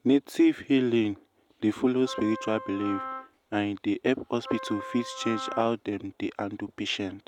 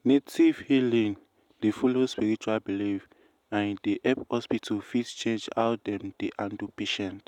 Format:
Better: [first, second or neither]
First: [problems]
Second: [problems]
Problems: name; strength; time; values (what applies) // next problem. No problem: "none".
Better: second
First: background sound (Wind instrument, woodwind instrument); 12 dB below the speech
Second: none